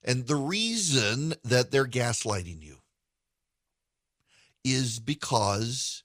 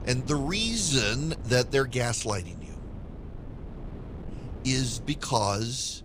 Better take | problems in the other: first | wind noise on the microphone; occasional gusts; 20 dB below the speech

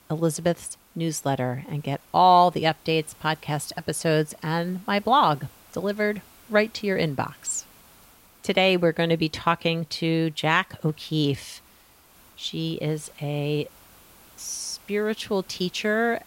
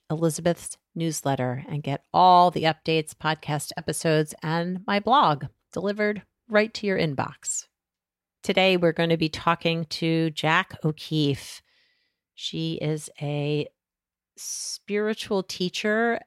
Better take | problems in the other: second | hiss; faint; throughout; 25 dB below the speech

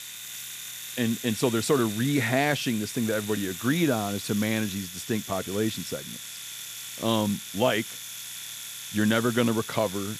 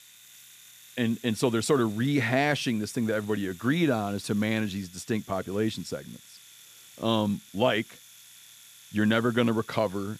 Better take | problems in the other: second | household noises; loud; throughout; 9 dB below the speech; faint in the second

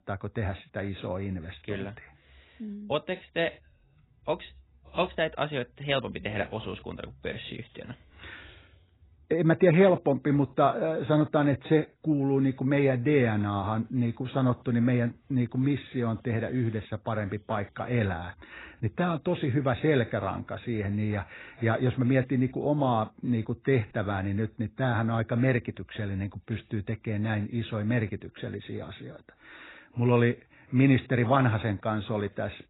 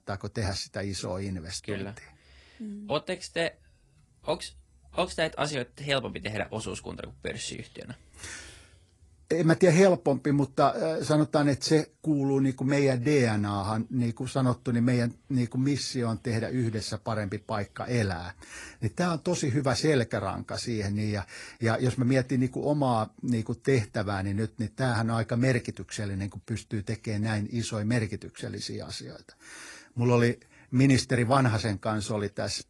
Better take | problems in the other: second | garbled, watery; badly; nothing above 4 kHz; slightly in the second

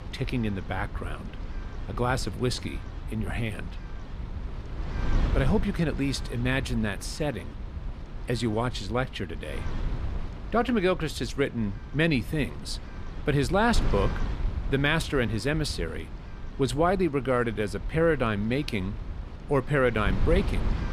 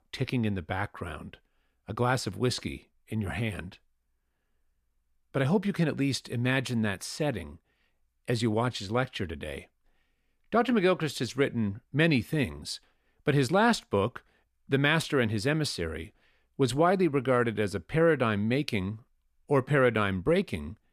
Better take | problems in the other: second | wind noise on the microphone; occasional gusts; 15 dB below the speech

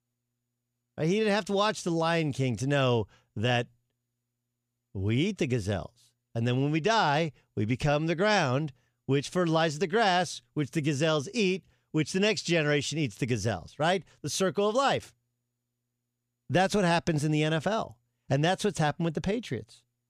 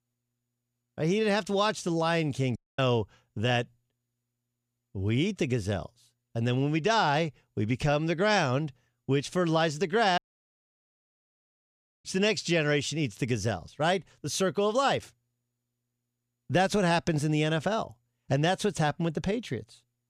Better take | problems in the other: first | audio cutting out; at 2.5 s and at 10 s for 2 s

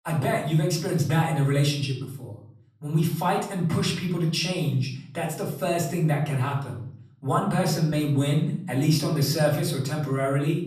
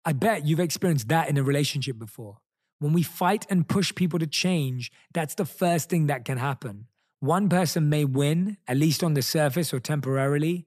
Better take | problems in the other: second | off-mic speech; far // room echo; slight; dies away in 0.6 s

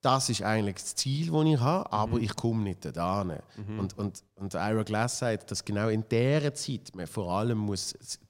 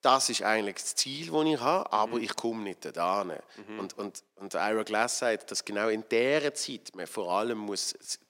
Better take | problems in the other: first | thin; somewhat; fading below 300 Hz

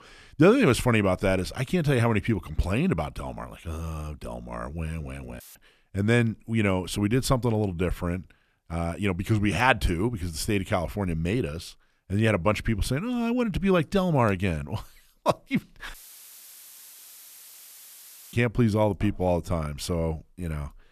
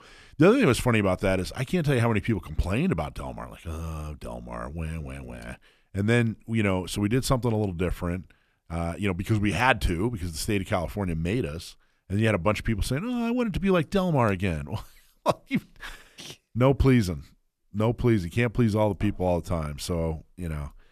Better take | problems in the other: second | audio cutting out; filled with static; at 5.5 s and at 16 s for 2.5 s

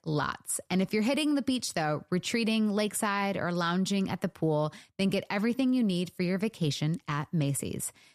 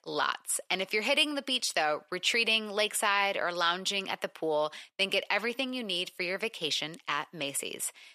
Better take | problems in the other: first | thin; very; fading below 550 Hz

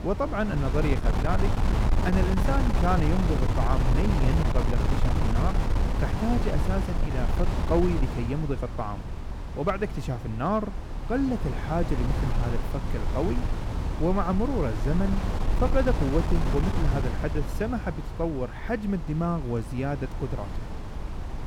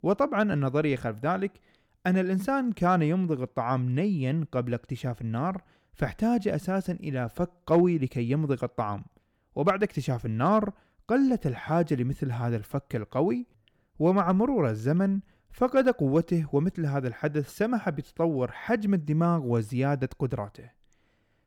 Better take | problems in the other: second | wind noise on the microphone; heavy; 4 dB below the speech

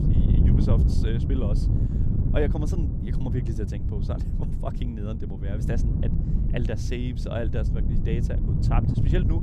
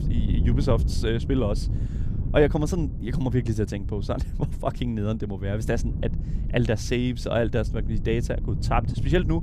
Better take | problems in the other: second | wind noise on the microphone; heavy; 2 dB below the speech; occasional gusts in the second

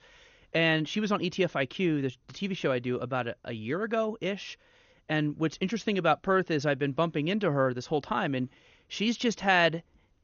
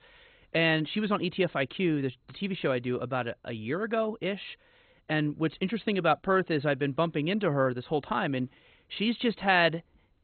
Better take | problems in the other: first | garbled, watery; badly; nothing above 4 kHz; slightly in the first

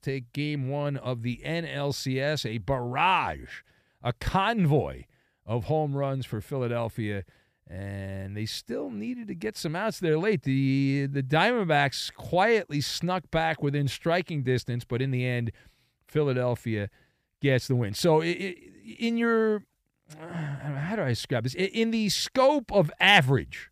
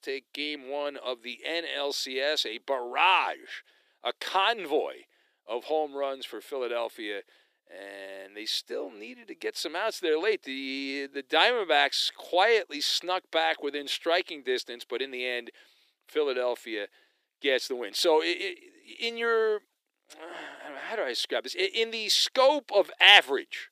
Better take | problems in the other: first | thin; very; fading below 350 Hz

